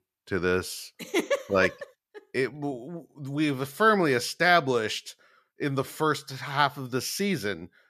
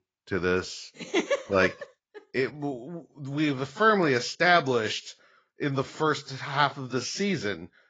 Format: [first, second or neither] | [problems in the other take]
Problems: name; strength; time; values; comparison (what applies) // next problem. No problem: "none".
first | garbled, watery; badly; nothing above 7.5 kHz